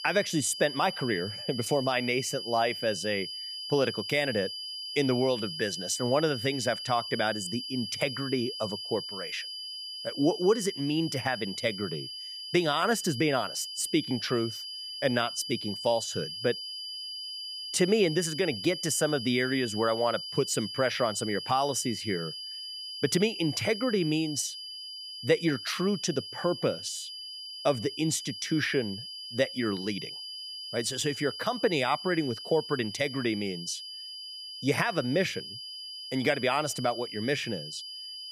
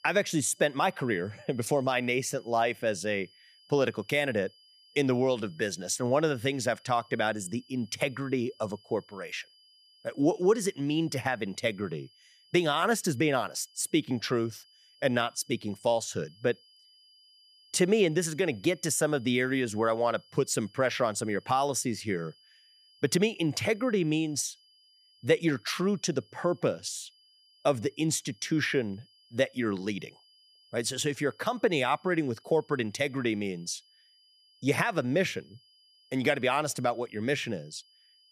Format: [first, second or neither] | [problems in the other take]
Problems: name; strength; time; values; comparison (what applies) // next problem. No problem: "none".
second | high-pitched whine; loud; throughout; 5 kHz, 7 dB below the speech; faint in the second